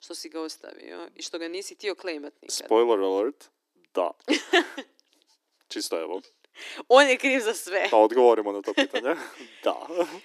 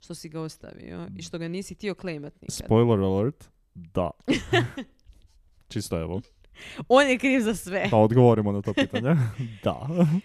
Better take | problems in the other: second | thin; somewhat; fading below 300 Hz

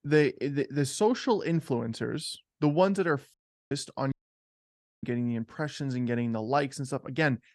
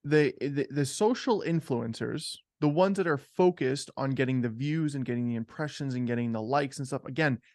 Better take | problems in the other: second | audio cutting out; at 3.5 s and at 4 s for 1 s

